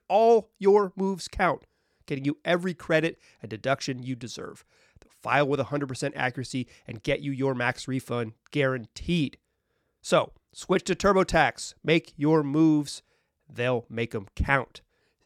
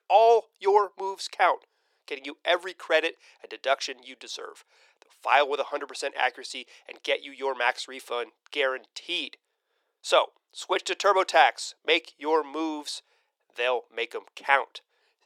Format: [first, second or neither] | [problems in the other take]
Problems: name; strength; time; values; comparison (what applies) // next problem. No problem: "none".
first | thin; very; fading below 400 Hz